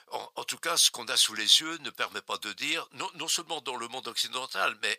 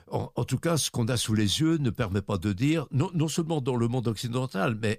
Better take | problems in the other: second | thin; very; fading below 1 kHz

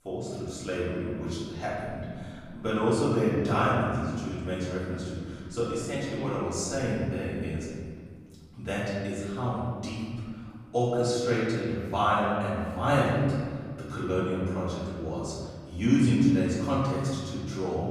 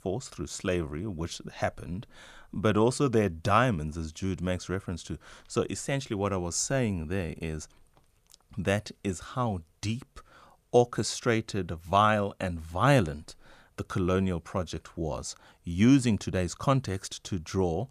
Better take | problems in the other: second | room echo; strong; dies away in 1.8 s // off-mic speech; far

